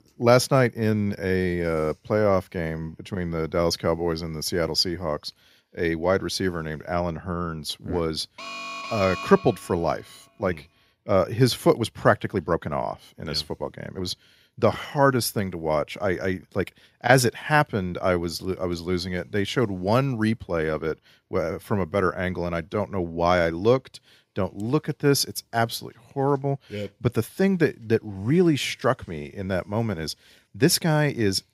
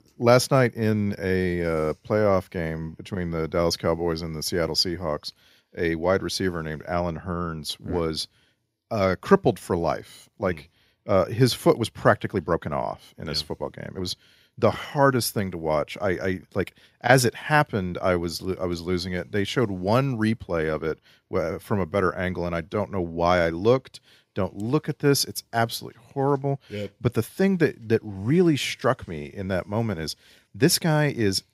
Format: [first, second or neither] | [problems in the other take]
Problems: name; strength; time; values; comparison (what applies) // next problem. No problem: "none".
second | alarm; noticeable; from 8.5 to 9.5 s; peak 7 dB below the speech